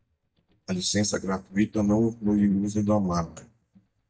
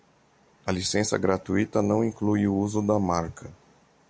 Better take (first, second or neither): second